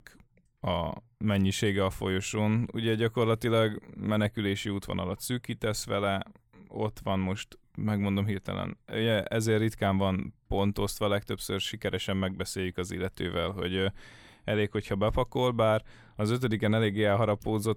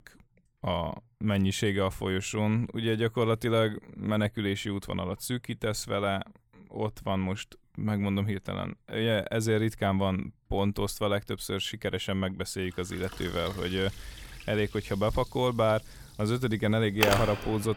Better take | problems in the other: first | household noises; loud; from 13 s on; 7 dB below the speech

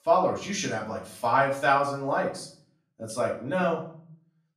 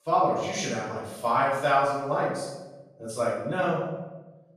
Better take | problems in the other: first | room echo; strong; dies away in 0.9 s; slight in the first // off-mic speech; far; far in the first

